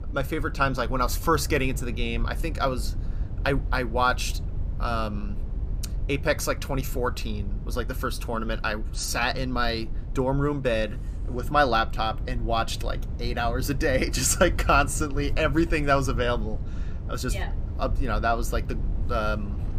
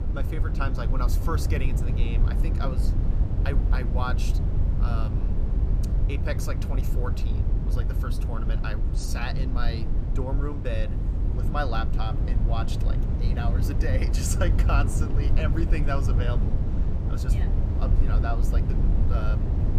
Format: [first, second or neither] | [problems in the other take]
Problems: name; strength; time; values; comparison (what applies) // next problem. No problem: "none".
first | low rumble; loud; throughout; 5 dB below the speech; faint in the first